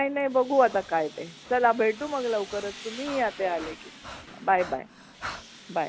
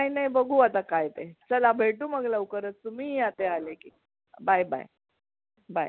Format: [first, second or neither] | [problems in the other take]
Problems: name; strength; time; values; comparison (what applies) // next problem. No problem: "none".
second | background sound (Tools + Breathing); 16 dB below the speech